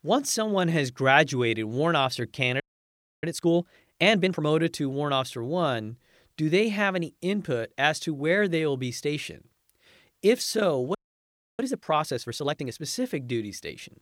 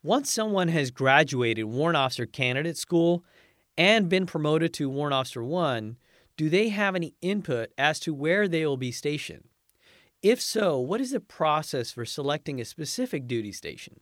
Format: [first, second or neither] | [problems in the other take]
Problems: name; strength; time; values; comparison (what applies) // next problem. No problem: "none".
second | audio freezing; at 2.5 s for 0.5 s and at 11 s for 0.5 s